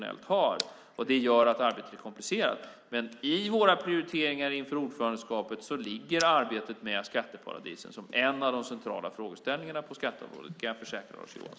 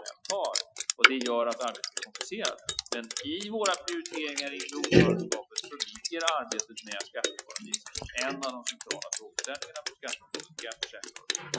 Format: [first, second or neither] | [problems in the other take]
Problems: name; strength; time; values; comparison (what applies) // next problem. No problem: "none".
first | noise reduction (classical method Wiener filter)